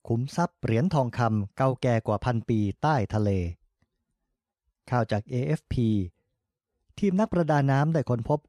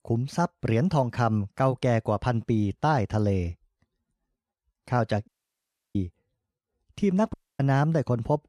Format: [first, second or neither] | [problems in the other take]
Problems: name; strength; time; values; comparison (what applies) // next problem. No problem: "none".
first | audio cutting out; at 5.5 s for 0.5 s and at 7.5 s